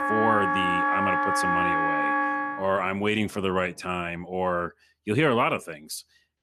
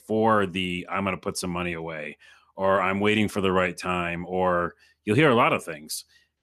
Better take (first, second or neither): second